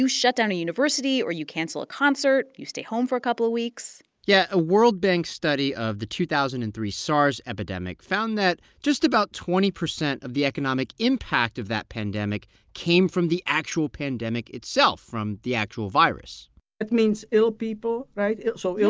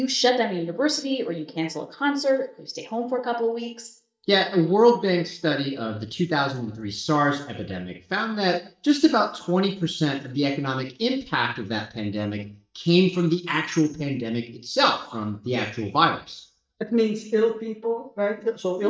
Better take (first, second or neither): first